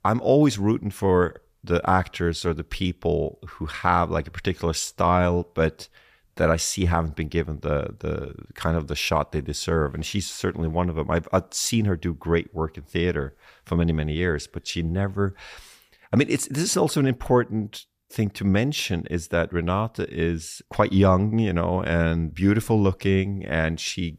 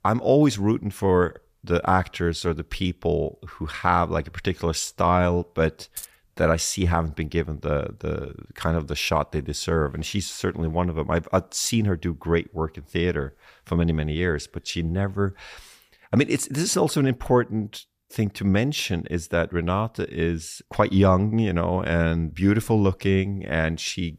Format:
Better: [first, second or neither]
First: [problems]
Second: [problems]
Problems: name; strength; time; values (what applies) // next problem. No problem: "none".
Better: first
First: none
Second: jangling keys; faint; at 6 s; peak 15 dB below the speech